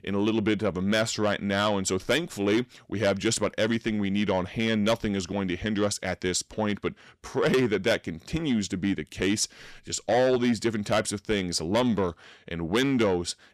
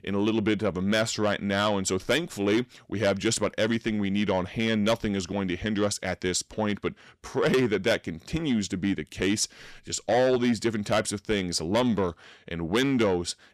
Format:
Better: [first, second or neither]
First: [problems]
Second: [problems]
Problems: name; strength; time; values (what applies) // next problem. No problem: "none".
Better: neither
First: distortion; slight; 10 dB below the speech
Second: distortion; slight; 10 dB below the speech